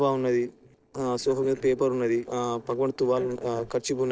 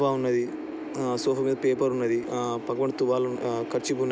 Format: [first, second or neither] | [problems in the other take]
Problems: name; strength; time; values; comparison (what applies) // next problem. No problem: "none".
second | noise reduction (neural separator model SepFormer DNS4)